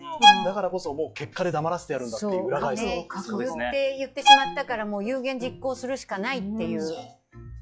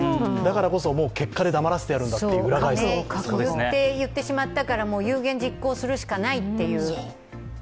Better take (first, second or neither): second